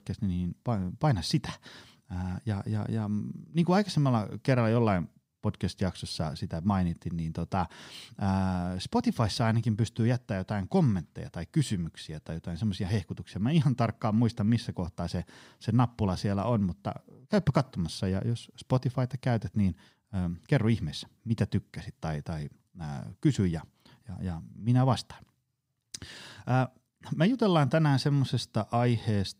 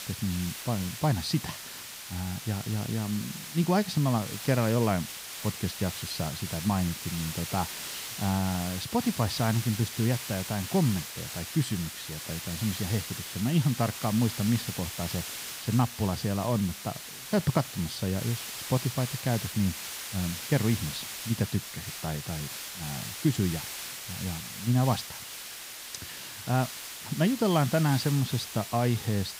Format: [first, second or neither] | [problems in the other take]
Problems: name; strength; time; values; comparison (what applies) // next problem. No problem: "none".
first | hiss; loud; throughout; 7 dB below the speech